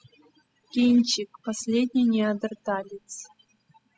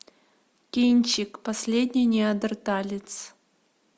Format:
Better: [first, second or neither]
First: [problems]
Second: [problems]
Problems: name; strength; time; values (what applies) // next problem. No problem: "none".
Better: second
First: noise reduction (classical method spectral subtraction)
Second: none